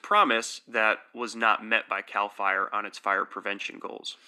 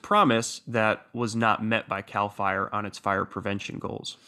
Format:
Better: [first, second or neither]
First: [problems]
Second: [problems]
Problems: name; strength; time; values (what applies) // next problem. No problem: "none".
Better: second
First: thin; somewhat; fading below 250 Hz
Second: none